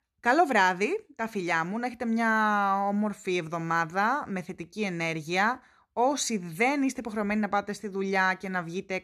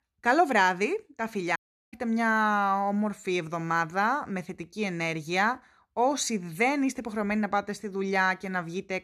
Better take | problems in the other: first | audio cutting out; at 1.5 s

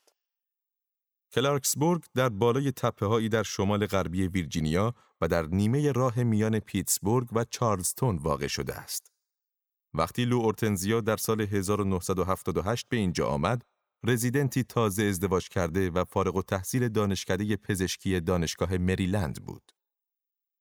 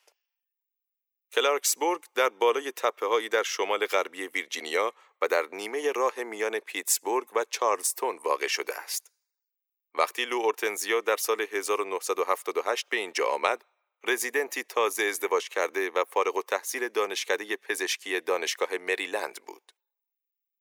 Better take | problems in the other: first | thin; very; fading below 350 Hz

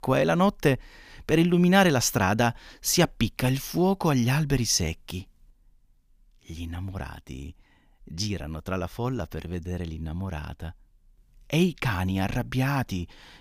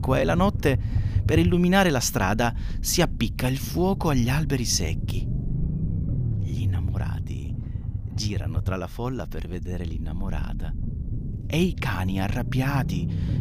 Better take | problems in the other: first | low rumble; noticeable; throughout; 15 dB below the speech

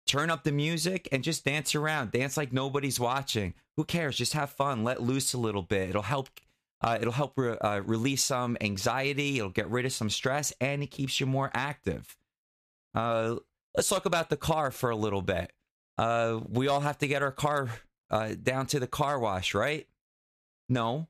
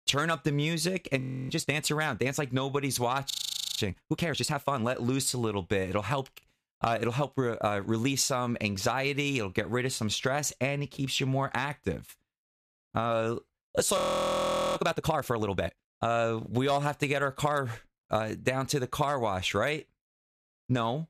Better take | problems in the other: first | audio freezing; at 1 s, at 3.5 s and at 14 s for 1 s

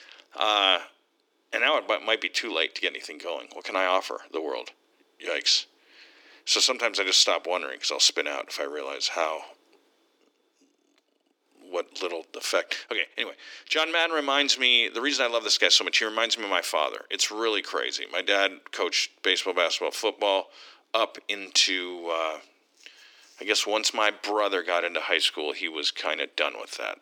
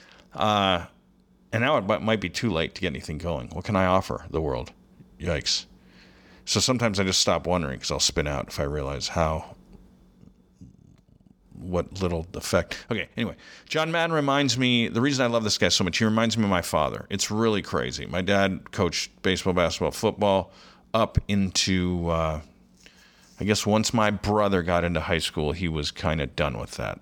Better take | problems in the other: second | thin; very; fading below 300 Hz

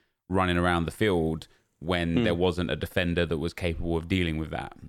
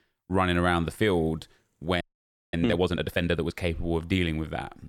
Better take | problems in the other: first | audio freezing; at 2 s for 0.5 s

